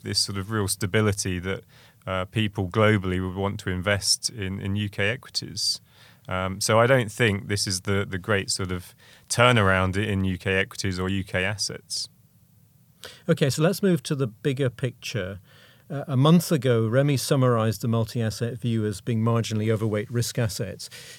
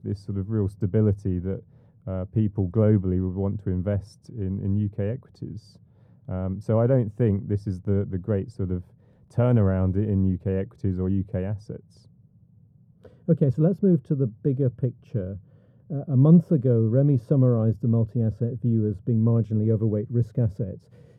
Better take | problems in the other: first | muffled; very; fading above 1 kHz

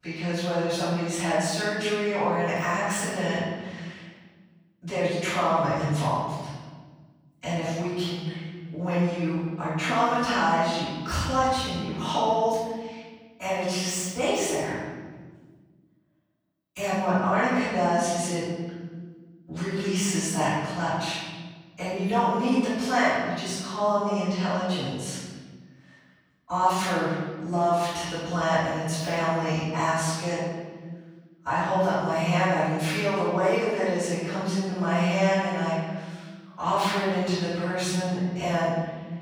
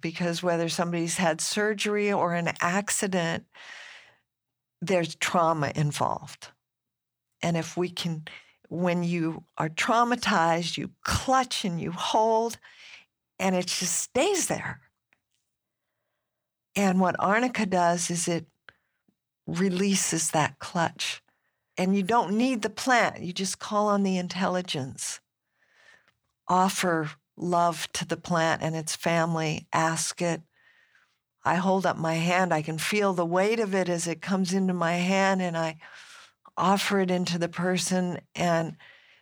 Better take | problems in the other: second | off-mic speech; far // room echo; strong; dies away in 1.5 s

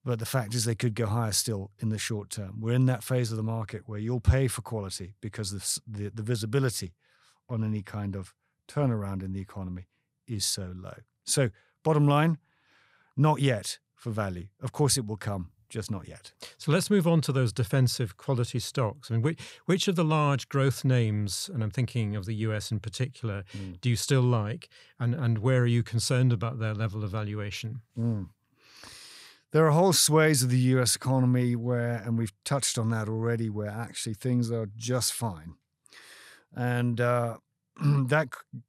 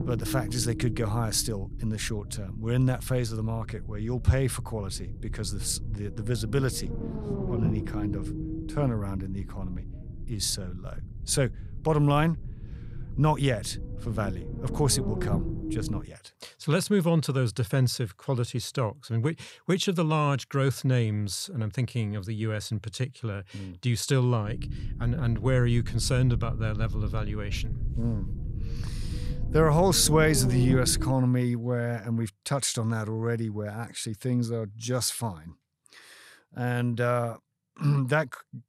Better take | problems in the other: first | low rumble; noticeable; until 16 s and from 24 to 31 s; 10 dB below the speech

